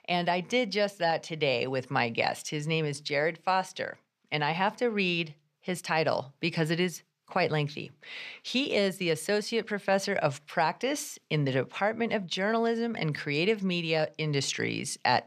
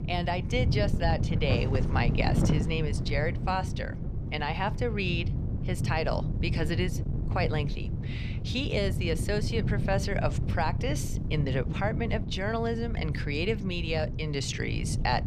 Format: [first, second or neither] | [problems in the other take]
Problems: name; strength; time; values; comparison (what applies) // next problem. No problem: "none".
first | wind noise on the microphone; heavy; 9 dB below the speech